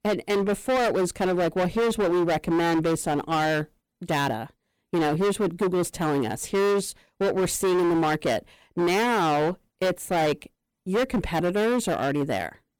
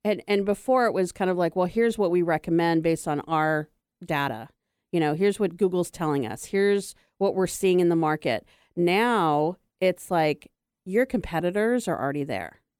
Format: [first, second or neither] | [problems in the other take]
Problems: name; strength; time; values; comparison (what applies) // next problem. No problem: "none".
second | distortion; heavy; 23% of the sound clipped